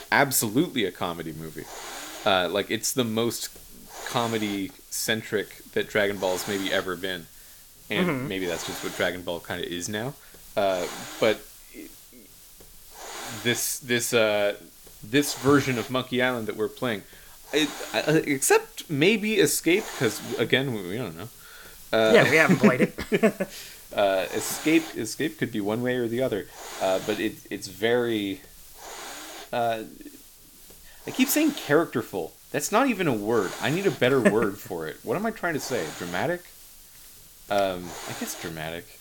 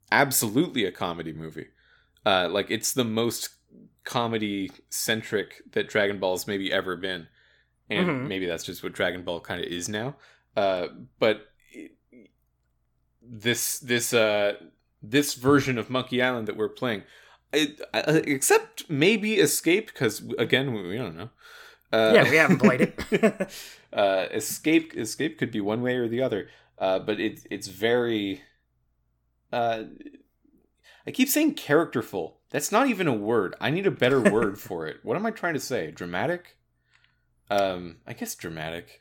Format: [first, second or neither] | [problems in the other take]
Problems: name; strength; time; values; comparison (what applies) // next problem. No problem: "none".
second | hiss; noticeable; throughout; 15 dB below the speech